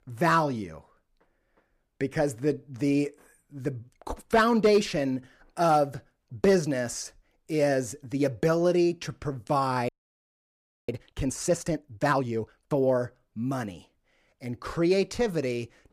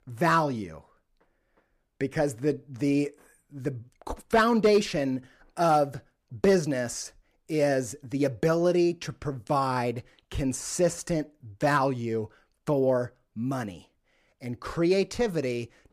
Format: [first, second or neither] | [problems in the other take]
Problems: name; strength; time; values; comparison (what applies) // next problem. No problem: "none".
second | audio freezing; at 10 s for 1 s